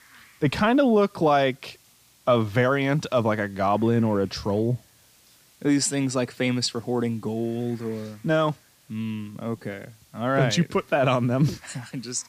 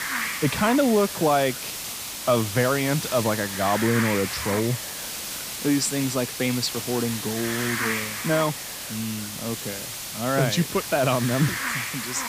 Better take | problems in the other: first | hiss; loud; throughout; 4 dB below the speech; faint in the first

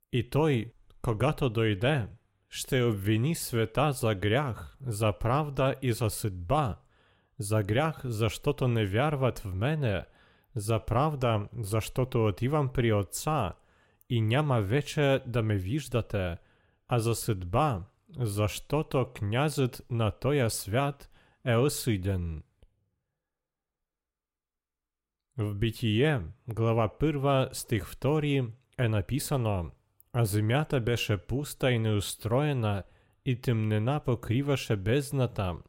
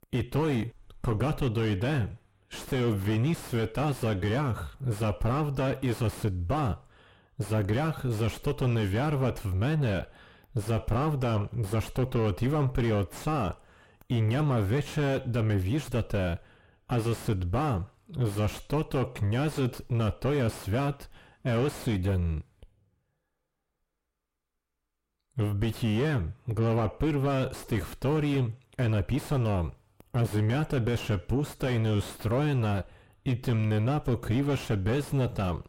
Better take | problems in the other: first | distortion; heavy; 4 dB below the speech

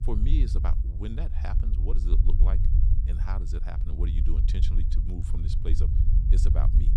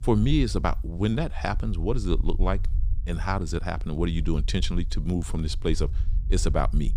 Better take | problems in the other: second | low rumble; loud; throughout; 3 dB below the speech; faint in the second

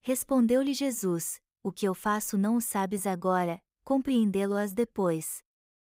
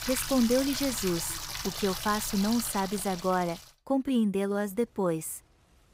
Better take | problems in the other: first | household noises; loud; throughout; 6 dB below the speech

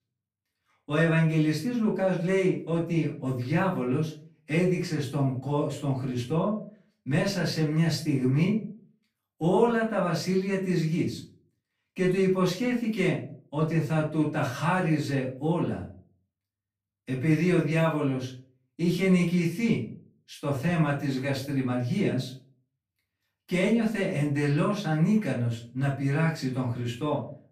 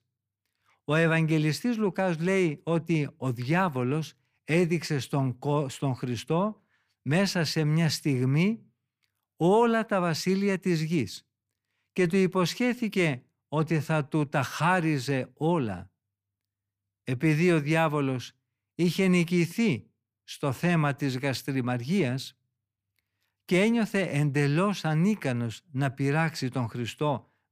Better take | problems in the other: second | room echo; slight; dies away in 0.3 s // off-mic speech; far

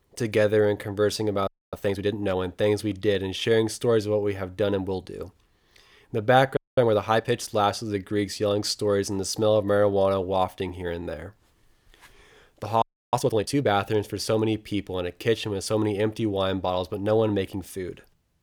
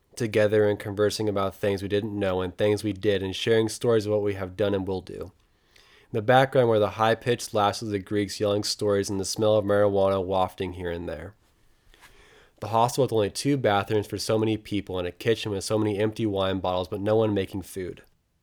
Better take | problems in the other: second | audio freezing; at 1.5 s, at 6.5 s and at 13 s

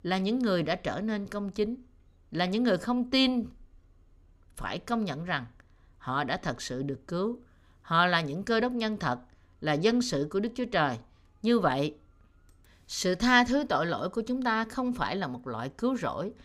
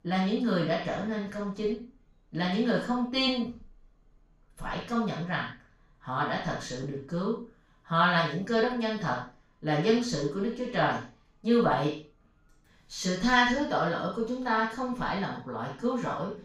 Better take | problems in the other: first | room echo; noticeable; dies away in 0.4 s // off-mic speech; far

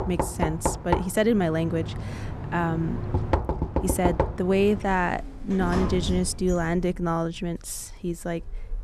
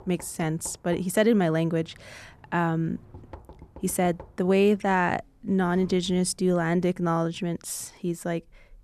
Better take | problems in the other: second | household noises; loud; throughout; 4 dB below the speech; faint in the second

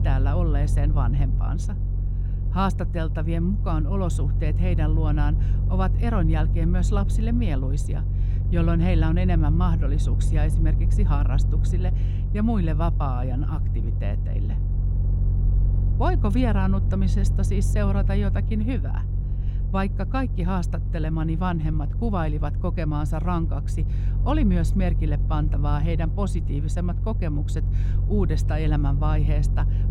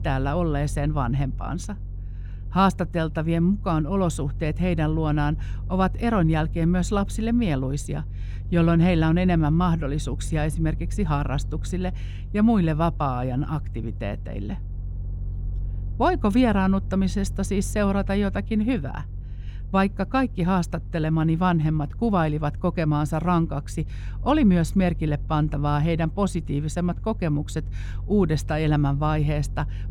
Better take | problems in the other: second | low rumble; loud; throughout; 9 dB below the speech; faint in the second

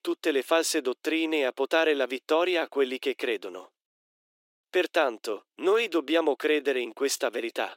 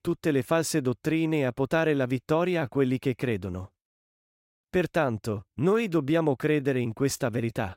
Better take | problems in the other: second | thin; somewhat; fading below 300 Hz

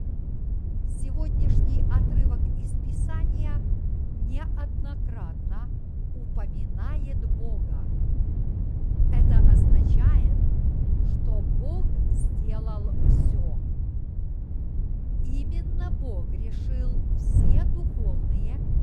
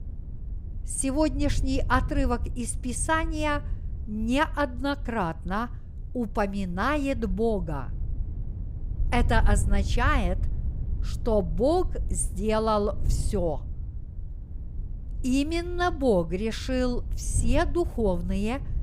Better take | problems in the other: second | wind noise on the microphone; heavy; 5 dB above the speech; occasional gusts in the second

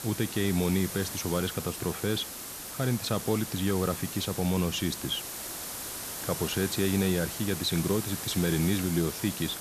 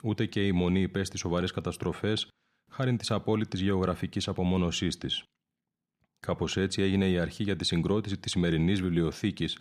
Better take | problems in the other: second | hiss; loud; throughout; 6 dB below the speech

